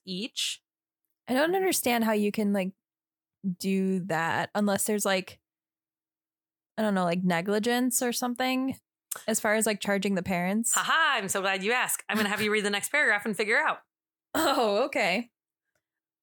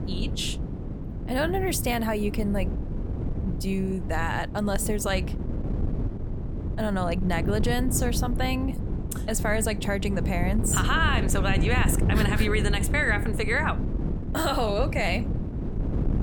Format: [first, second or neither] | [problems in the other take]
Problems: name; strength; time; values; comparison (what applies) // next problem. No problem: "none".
first | wind noise on the microphone; occasional gusts; 10 dB below the speech